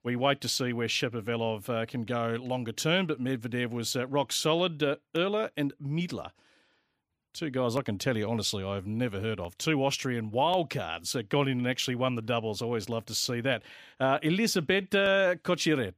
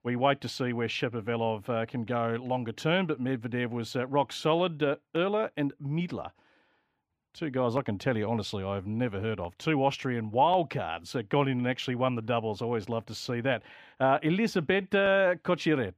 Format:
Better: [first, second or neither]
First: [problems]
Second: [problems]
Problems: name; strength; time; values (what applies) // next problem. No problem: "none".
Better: first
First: none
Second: muffled; slightly; fading above 4 kHz